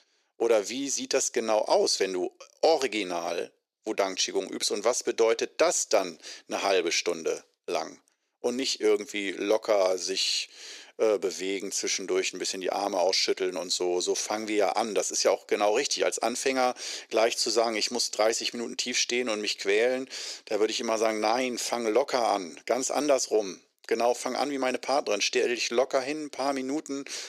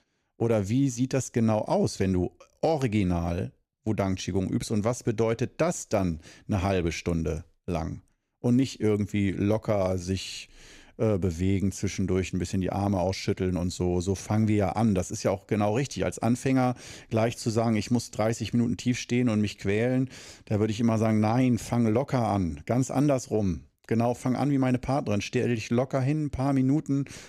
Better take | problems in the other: second | thin; very; fading below 400 Hz

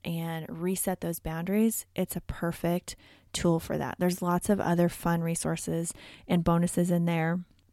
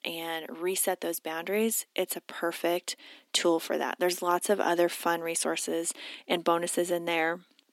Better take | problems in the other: first | thin; very; fading below 250 Hz

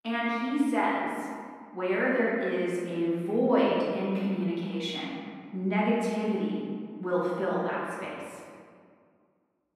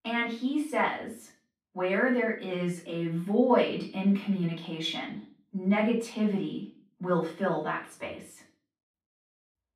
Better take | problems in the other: second | room echo; strong; dies away in 1.8 s; slight in the second // off-mic speech; far; far in the second

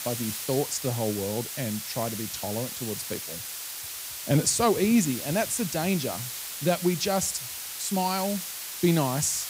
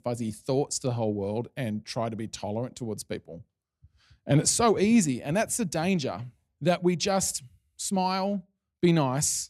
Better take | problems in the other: second | hiss; loud; throughout; 6 dB below the speech

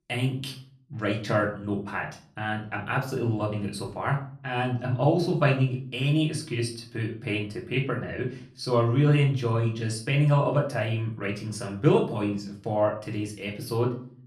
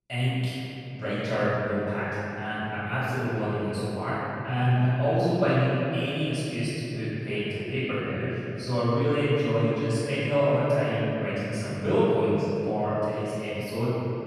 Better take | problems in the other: first | room echo; strong; dies away in 3 s; slight in the first // off-mic speech; far; far in the first

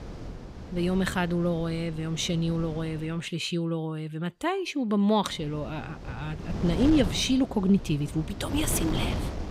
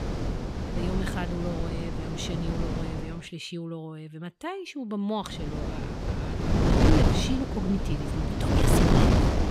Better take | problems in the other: first | wind noise on the microphone; heavy; until 3 s and from 5.5 s on; 5 dB above the speech; occasional gusts in the first

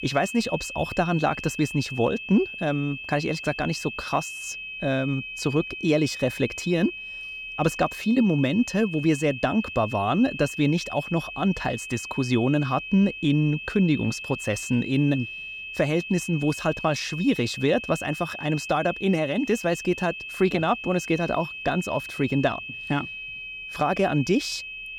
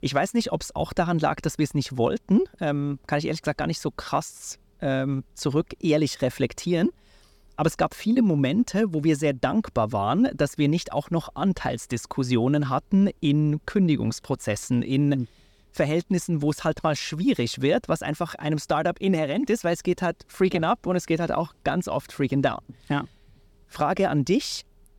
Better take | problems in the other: second | high-pitched whine; loud; throughout; 2.5 kHz, 9 dB below the speech

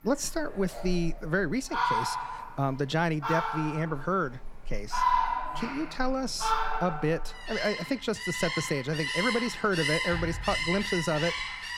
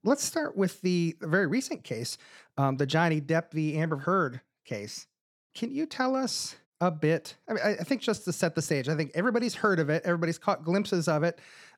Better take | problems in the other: second | animal sounds; loud; throughout; 1 dB below the speech

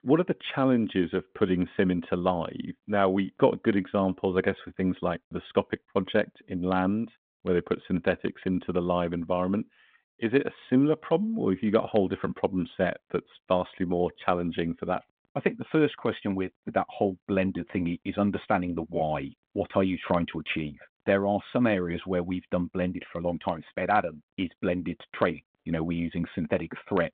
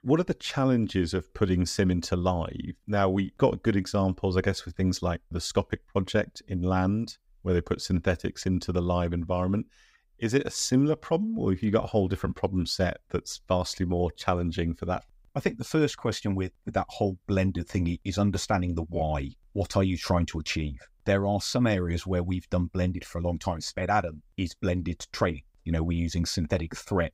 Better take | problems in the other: second | phone-call audio

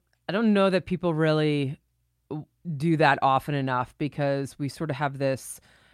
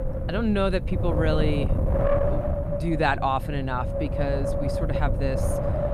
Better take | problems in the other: first | wind noise on the microphone; heavy; 2 dB below the speech

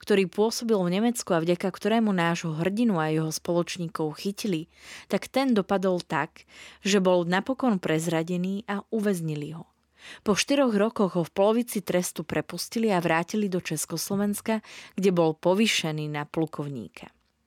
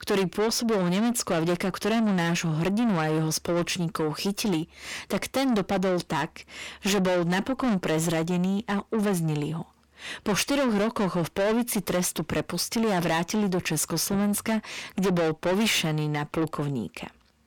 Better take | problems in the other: first | distortion; heavy; 6 dB below the speech

